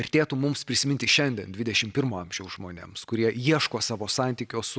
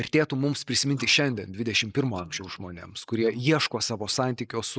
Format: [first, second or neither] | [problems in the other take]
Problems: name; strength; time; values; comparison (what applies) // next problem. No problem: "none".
first | noise reduction (neural mask model Resemble Enhance denoiser)